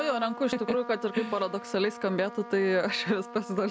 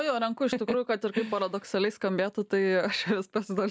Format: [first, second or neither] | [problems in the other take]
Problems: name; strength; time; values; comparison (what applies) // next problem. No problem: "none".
second | background sound (Trumpet); 14 dB below the speech